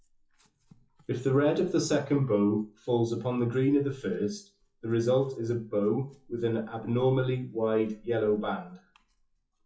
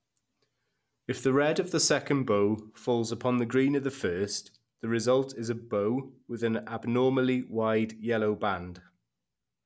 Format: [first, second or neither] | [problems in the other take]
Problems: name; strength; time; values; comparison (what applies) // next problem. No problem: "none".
second | noise reduction (classical method WPE with log-MMSE)